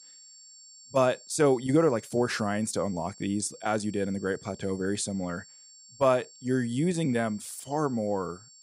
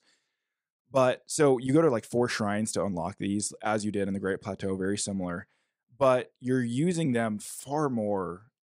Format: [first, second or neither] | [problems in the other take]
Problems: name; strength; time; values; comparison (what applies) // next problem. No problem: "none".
second | high-pitched whine; faint; throughout; 7.5 kHz, 20 dB below the speech